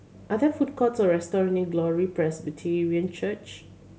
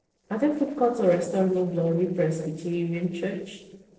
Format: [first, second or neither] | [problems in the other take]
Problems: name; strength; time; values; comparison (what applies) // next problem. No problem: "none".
first | noise reduction (neural separator model SepFormer DNS4)